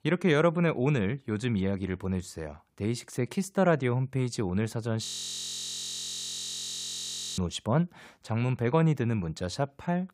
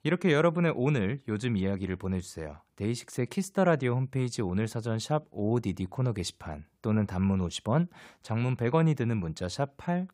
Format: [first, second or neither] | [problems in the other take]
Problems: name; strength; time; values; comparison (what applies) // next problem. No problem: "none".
second | audio freezing; at 5 s for 2.5 s